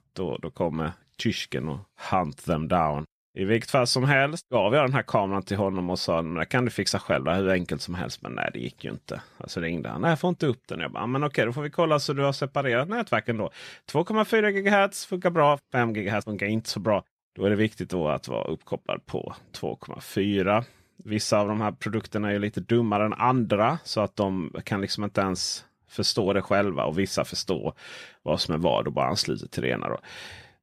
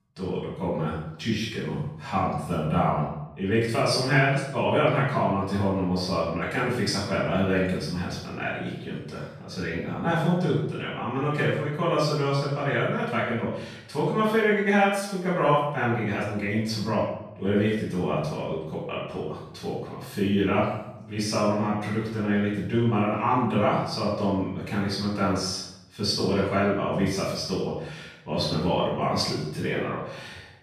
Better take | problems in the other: first | off-mic speech; far // room echo; noticeable; dies away in 0.7 s

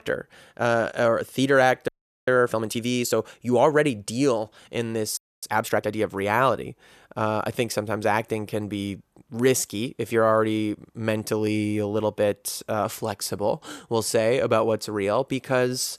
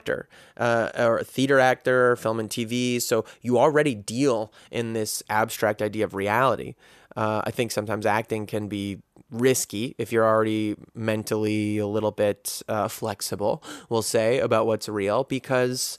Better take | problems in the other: second | audio freezing; at 2 s and at 5 s

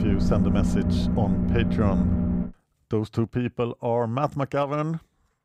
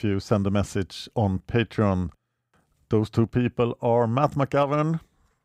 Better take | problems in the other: second | low rumble; loud; until 2.5 s; 3 dB below the speech

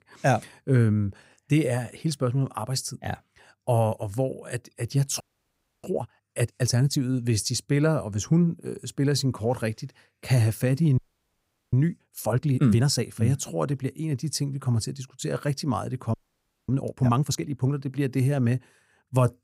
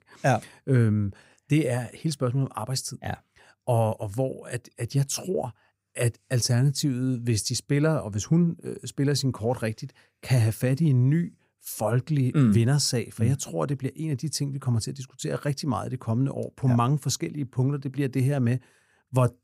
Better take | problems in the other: second | audio freezing; at 5 s for 0.5 s, at 11 s for 1 s and at 16 s for 0.5 s

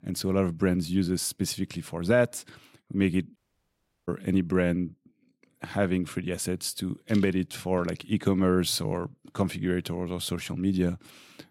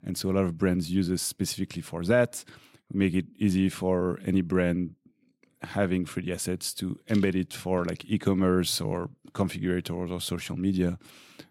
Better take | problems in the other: second | audio cutting out; at 3.5 s for 0.5 s

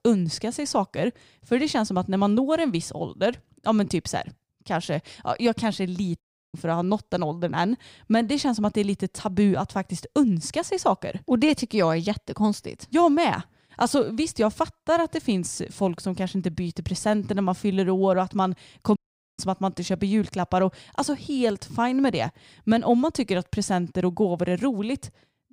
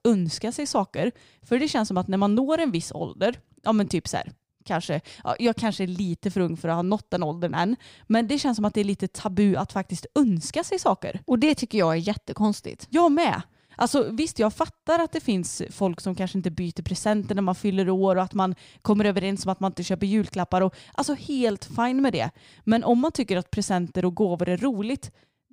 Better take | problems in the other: second | audio cutting out; at 6 s and at 19 s

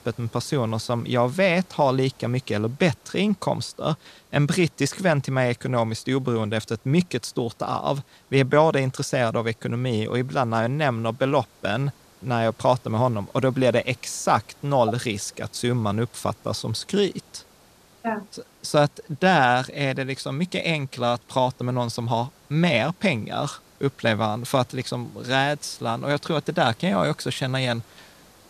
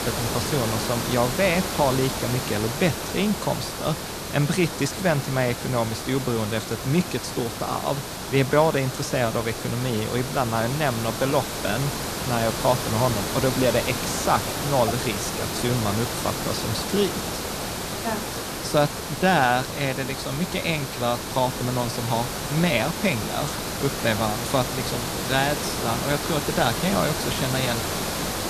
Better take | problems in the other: first | hiss; loud; throughout; 3 dB below the speech; faint in the first

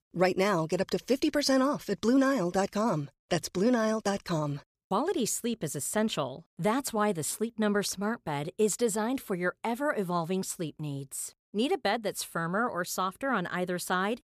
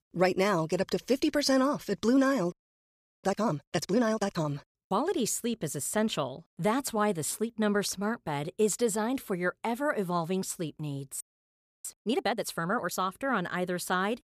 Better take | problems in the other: first | audio freezing; at 2.5 s for 0.5 s and at 11 s for 0.5 s

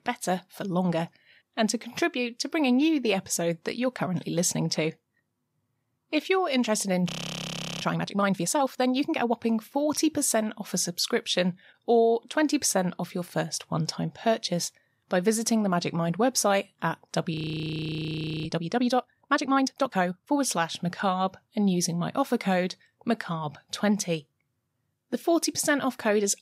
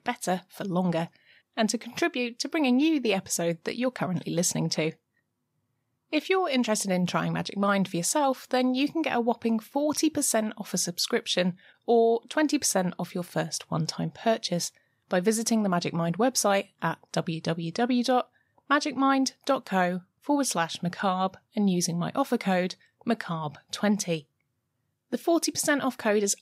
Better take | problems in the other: second | audio freezing; at 7 s for 0.5 s and at 17 s for 1 s

